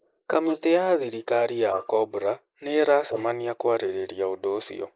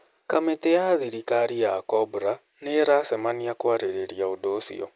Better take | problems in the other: second | noise reduction (neural mask model Resemble Enhance denoiser)

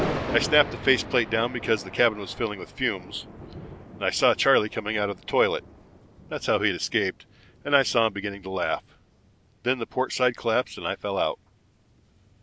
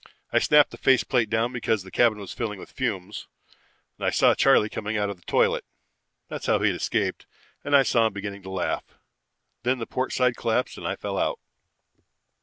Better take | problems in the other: second | background sound (Thunder); 12 dB below the speech

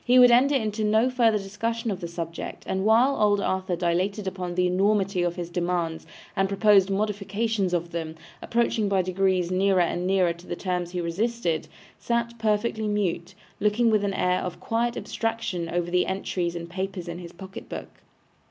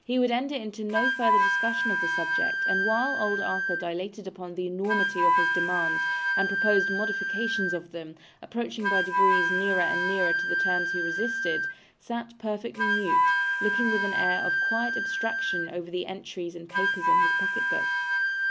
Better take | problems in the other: first | background sound (Wind instrument, woodwind instrument); 4 dB above the speech

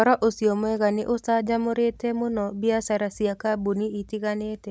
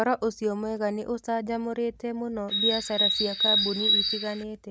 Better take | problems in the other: first | background sound (Bird); 4 dB above the speech

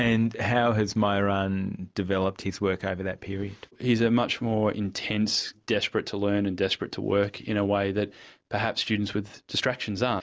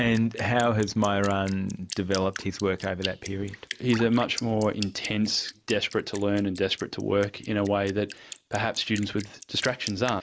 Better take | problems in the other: first | background sound (Drip); 16 dB below the speech

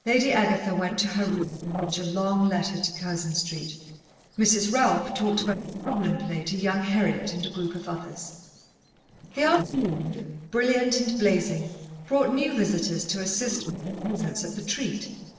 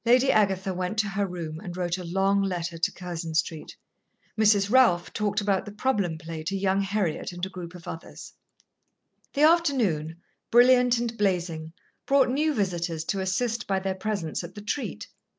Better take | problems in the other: second | noise reduction (neural separator model SepFormer DNS4)

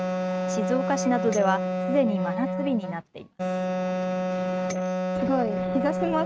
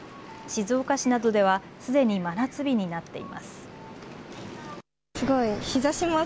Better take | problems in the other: second | noise reduction (neural mask model RNNoise)

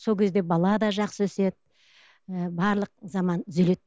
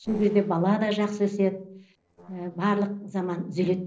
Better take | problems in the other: first | noise reduction (neural separator model SepFormer DNS4)

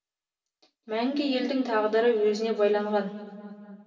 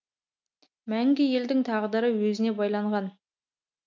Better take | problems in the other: second | room echo; dies away in 2.3 s

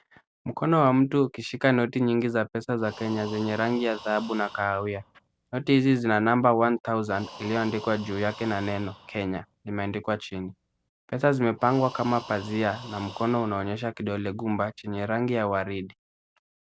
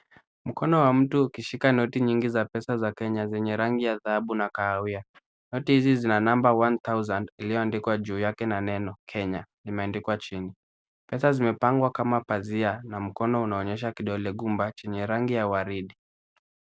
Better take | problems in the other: second | background sound (Breathing); 20 dB below the speech

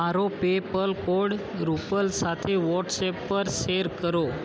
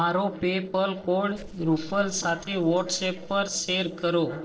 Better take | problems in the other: first | noise reduction (neural separator model SepFormer DNS4)

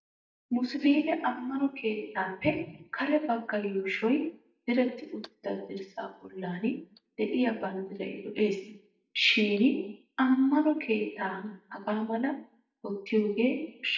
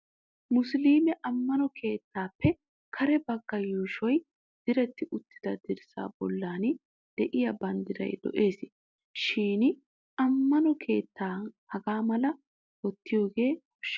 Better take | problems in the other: second | noise reduction (neural mask model DeepFilterNet 3)

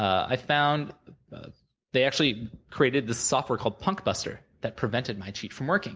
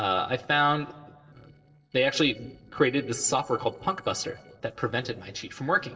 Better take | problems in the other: first | noise reduction (neural separator model SepFormer DNS4)

